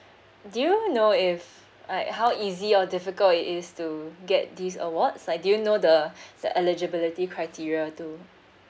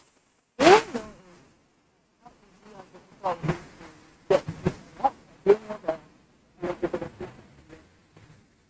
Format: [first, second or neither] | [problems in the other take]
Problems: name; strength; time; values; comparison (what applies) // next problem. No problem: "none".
first | noise reduction (neural mask model RNNoise)